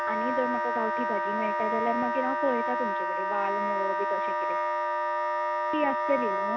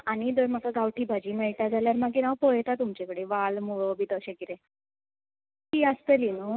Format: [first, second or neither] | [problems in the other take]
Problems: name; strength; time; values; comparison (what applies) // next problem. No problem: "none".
second | background sound (Wind instrument, woodwind instrument); 5 dB above the speech